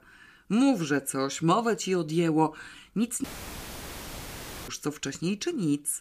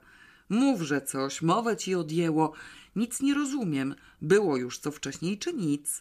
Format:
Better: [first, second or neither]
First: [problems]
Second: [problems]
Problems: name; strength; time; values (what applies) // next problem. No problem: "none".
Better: second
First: audio cutting out; filled with static; at 3 s for 1.5 s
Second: none